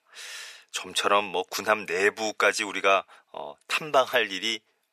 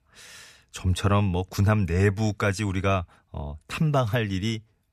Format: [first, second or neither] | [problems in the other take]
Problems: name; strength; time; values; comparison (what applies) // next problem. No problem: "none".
second | thin; very; fading below 450 Hz